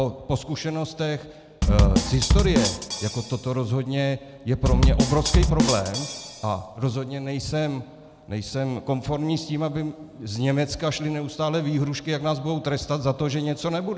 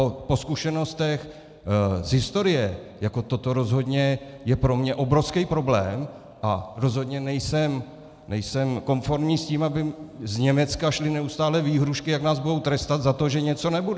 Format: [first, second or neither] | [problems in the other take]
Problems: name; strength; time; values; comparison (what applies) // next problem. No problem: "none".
second | background sound (Bass drum / Snare drum); 4 dB above the speech